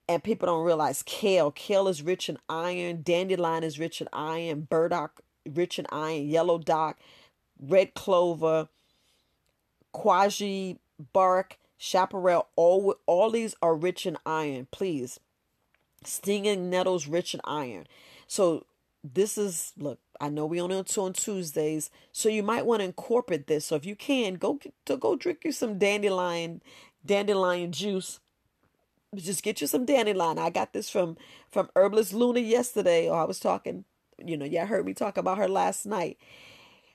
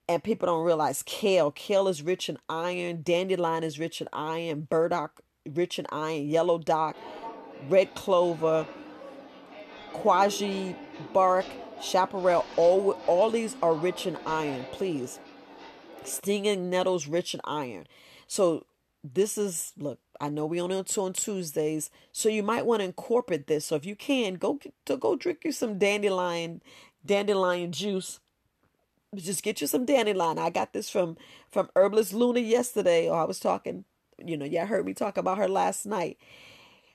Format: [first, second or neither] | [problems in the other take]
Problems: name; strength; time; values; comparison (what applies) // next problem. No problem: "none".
first | footsteps; faint; from 7 to 16 s; peak 10 dB below the speech